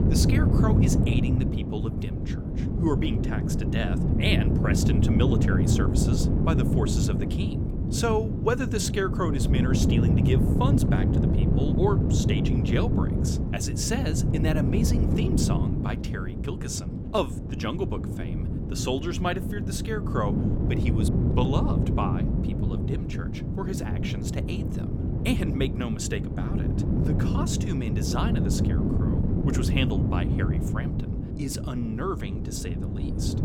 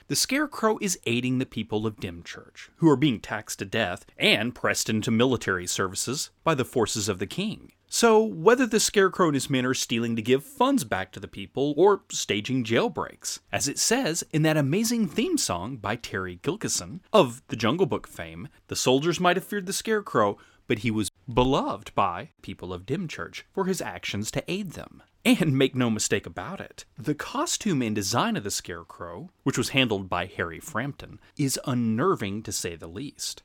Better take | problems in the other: second | wind noise on the microphone; heavy; 2 dB below the speech

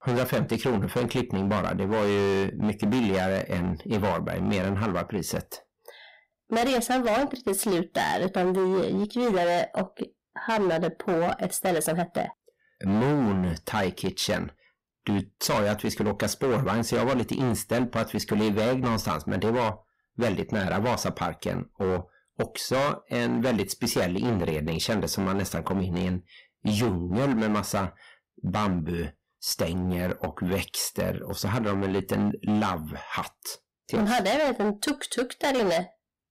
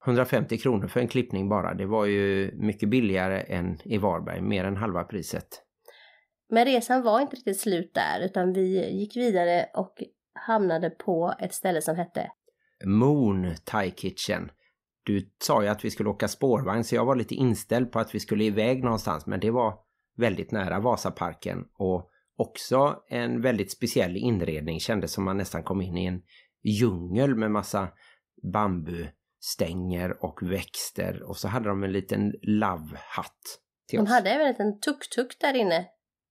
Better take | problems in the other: second | distortion; heavy; 16% of the sound clipped

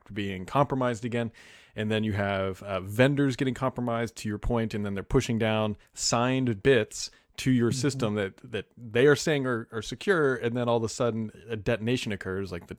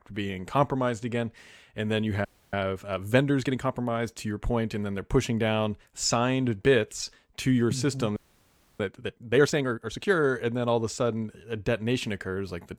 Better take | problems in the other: first | audio freezing; at 2.5 s and at 8 s for 0.5 s

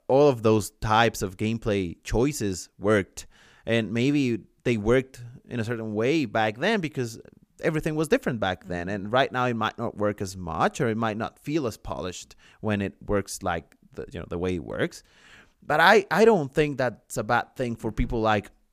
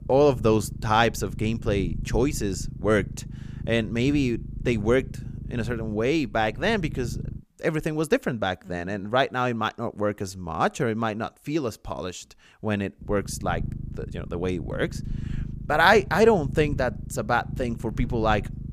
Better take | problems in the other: first | low rumble; faint; until 7.5 s and from 13 s on; 20 dB below the speech

